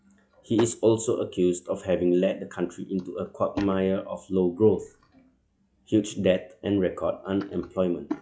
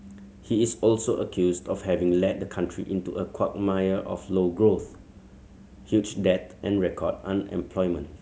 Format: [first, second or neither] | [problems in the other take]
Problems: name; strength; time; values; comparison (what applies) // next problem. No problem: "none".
second | noise reduction (classical method log-MMSE)